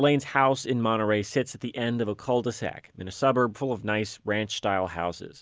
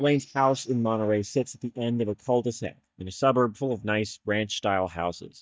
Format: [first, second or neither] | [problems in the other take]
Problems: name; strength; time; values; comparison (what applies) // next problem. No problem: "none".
first | noise reduction (neural mask model DeepFilterNet 3)